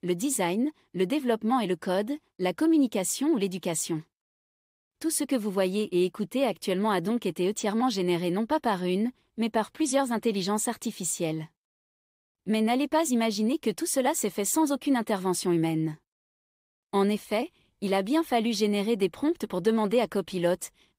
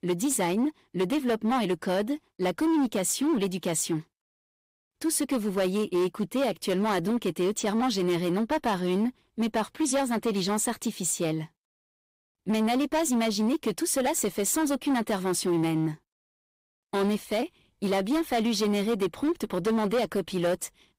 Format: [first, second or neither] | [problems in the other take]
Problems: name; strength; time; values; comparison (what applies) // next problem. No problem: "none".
first | distortion; slight; 13% of the sound clipped